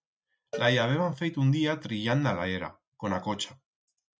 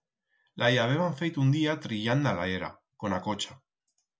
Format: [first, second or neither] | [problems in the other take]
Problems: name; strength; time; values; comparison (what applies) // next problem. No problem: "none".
second | noise reduction (neural mask model RNNoise)